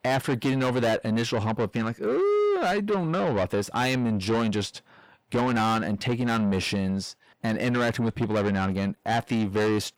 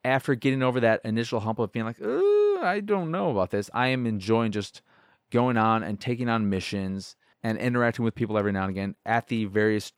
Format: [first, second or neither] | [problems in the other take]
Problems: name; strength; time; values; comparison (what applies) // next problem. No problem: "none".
second | distortion; heavy; 7 dB below the speech